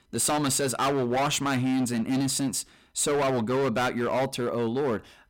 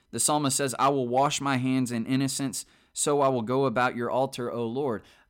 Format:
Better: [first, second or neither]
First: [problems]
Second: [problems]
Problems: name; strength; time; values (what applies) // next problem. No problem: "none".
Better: second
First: distortion; heavy; 22% of the sound clipped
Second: none